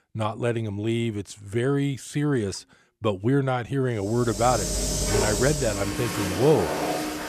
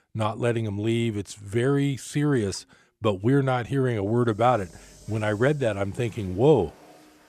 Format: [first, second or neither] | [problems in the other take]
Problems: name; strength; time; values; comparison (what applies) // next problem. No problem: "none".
second | household noises; loud; from 4.5 s on; 2 dB below the speech; faint in the second